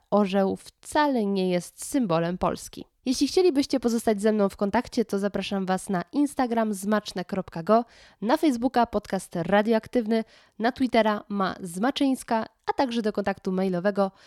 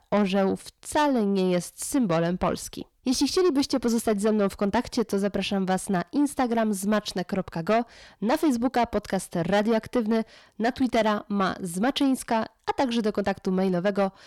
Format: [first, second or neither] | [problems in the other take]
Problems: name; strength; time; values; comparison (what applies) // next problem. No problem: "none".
first | distortion; slight; 10 dB below the speech